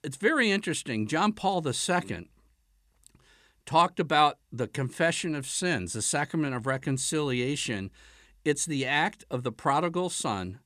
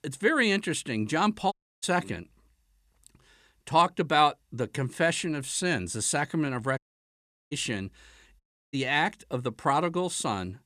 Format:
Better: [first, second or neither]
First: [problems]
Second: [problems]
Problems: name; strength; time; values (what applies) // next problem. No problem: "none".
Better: first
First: none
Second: audio cutting out; at 1.5 s, at 7 s for 0.5 s and at 8.5 s